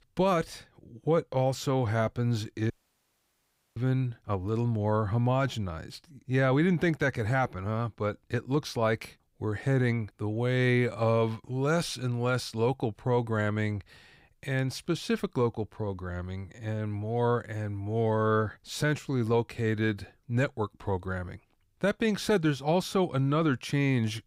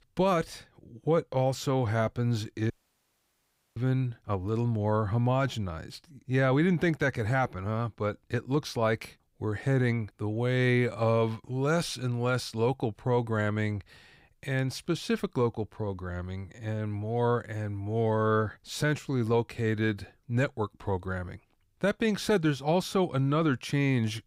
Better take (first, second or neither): neither